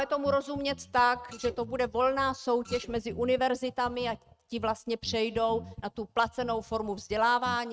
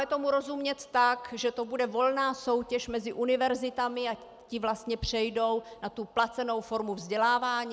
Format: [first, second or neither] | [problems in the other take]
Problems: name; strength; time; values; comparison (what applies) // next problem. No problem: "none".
second | noise reduction (neural mask model RNNoise)